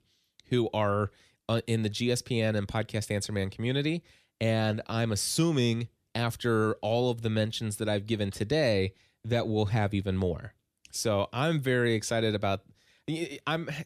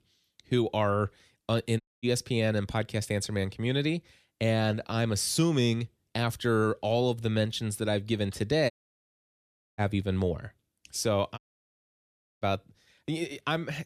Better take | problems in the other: first | audio cutting out; at 2 s, at 8.5 s for 1 s and at 11 s for 1 s

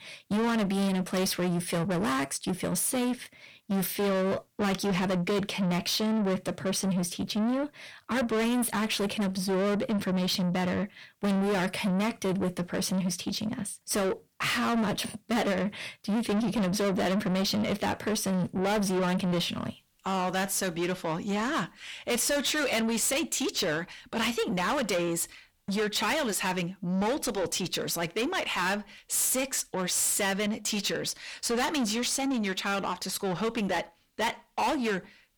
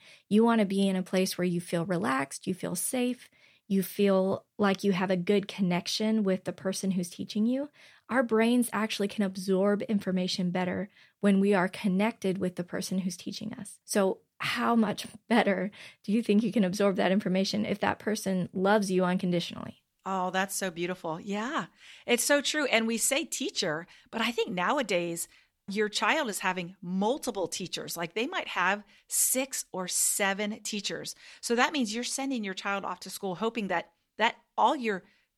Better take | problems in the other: second | distortion; heavy; 6 dB below the speech

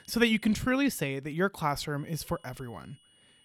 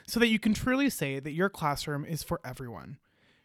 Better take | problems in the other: second | high-pitched whine; faint; at the start and from 2 s on; 3 kHz, 30 dB below the speech

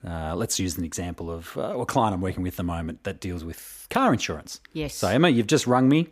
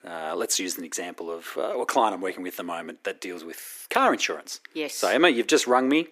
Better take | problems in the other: first | thin; somewhat; fading below 350 Hz

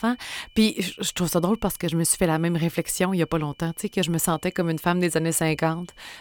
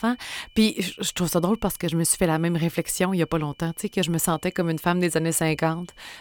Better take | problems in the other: neither | high-pitched whine; faint; throughout; 3 kHz, 30 dB below the speech; the same in both

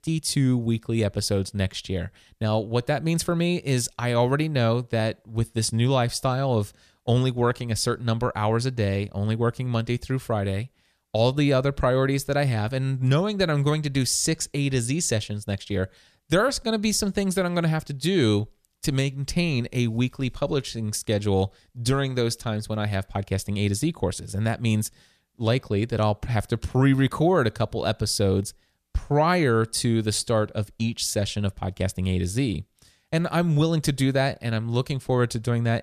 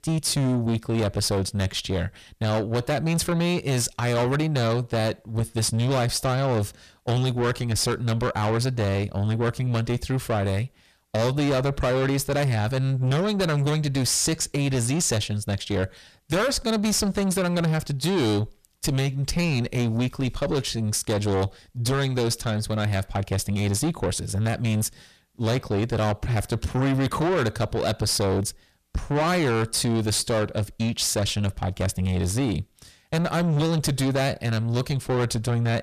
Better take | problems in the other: first | distortion; heavy; 7 dB below the speech

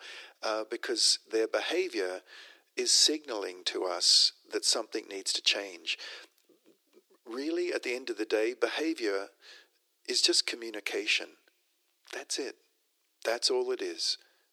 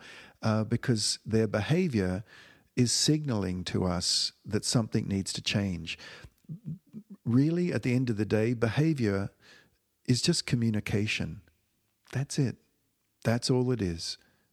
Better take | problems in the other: second | thin; very; fading below 350 Hz

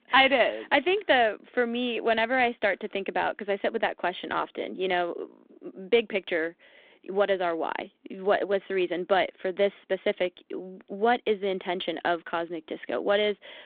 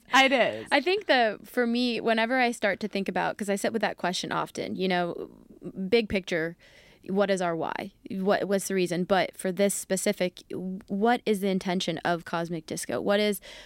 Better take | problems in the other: second | phone-call audio

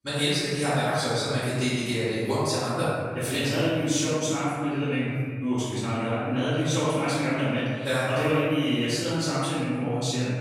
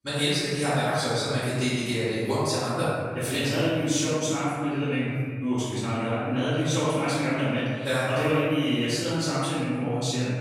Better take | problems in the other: neither | off-mic speech; far; the same in both // room echo; strong; dies away in 1.8 s; the same in both

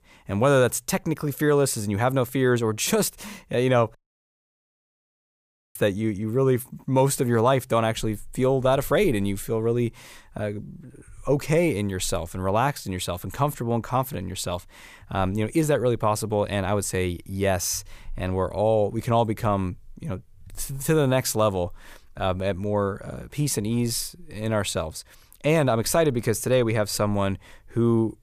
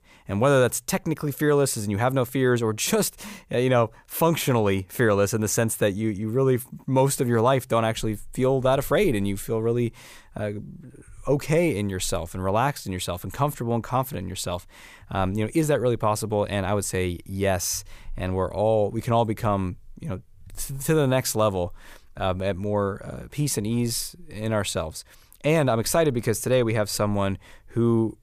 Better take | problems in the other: second | audio cutting out; at 4 s for 2 s

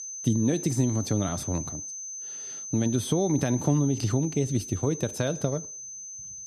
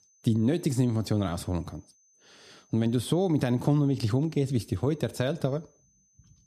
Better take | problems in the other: second | high-pitched whine; loud; throughout; 6 kHz, 8 dB below the speech; faint in the second

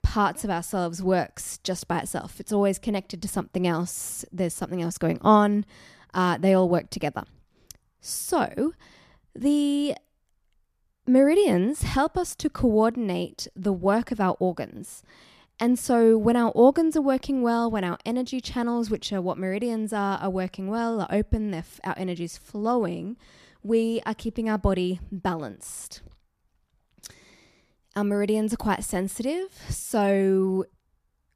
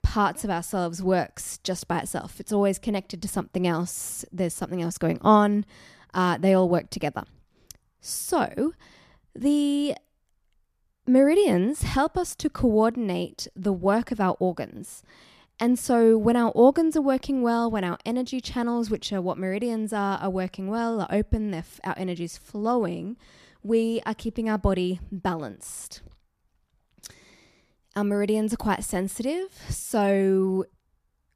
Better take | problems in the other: neither | none

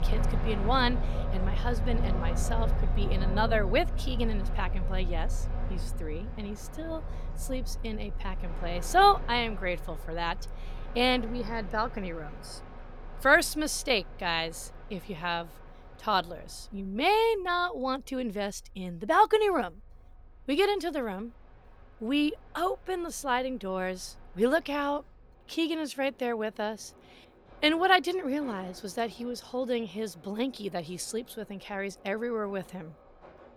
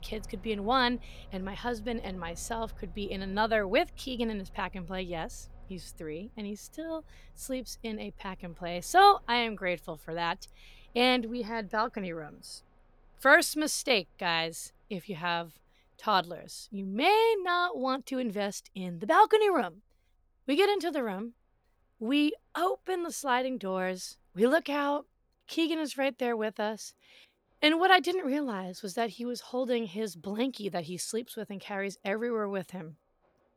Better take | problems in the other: second | train or aircraft noise; loud; throughout; 6 dB below the speech; faint in the second

